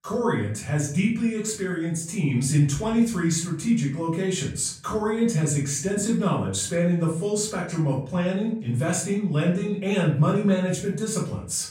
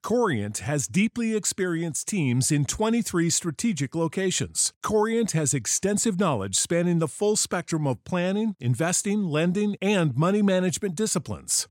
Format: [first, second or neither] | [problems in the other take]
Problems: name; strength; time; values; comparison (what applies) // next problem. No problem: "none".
second | room echo; slight; dies away in 0.5 s // off-mic speech; far